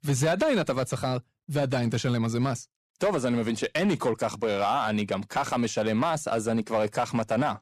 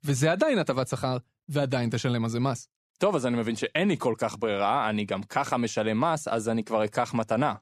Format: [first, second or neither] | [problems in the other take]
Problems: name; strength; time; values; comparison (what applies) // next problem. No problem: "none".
second | distortion; slight; 6% of the sound clipped